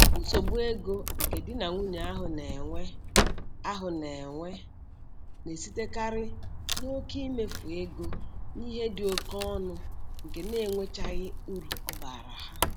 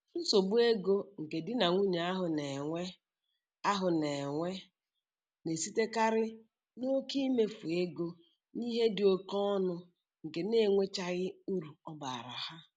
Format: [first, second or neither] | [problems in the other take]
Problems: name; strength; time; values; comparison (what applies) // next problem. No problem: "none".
second | background sound (Wood); 5 dB above the speech